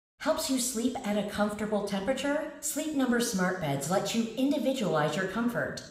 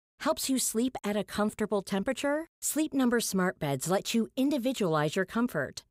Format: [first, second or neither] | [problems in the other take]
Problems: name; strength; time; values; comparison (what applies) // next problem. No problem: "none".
second | room echo; slight; dies away in 0.9 s